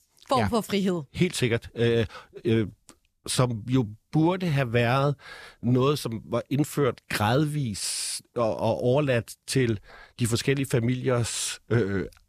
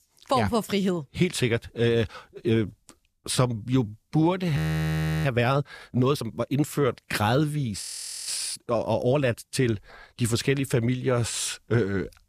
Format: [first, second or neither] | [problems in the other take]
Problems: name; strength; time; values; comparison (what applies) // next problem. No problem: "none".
first | audio freezing; at 4.5 s for 0.5 s and at 8 s